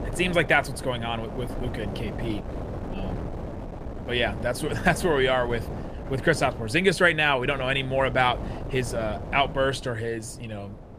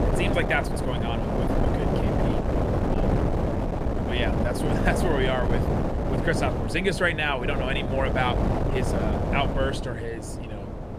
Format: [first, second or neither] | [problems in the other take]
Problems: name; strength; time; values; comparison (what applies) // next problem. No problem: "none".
first | wind noise on the microphone; heavy; 3 dB below the speech; occasional gusts in the first